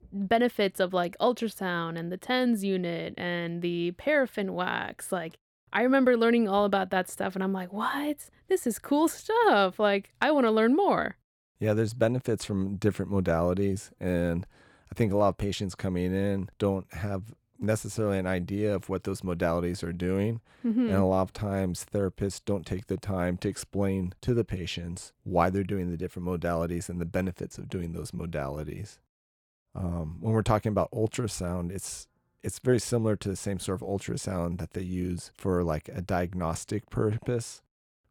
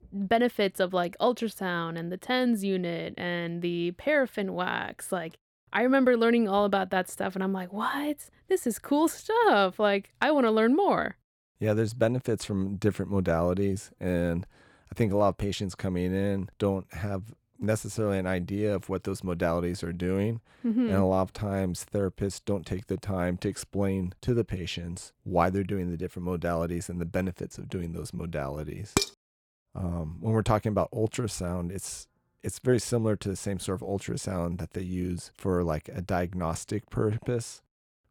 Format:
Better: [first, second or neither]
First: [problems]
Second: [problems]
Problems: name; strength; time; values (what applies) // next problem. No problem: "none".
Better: first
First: none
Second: clattering dishes; loud; at 29 s; peak level with the speech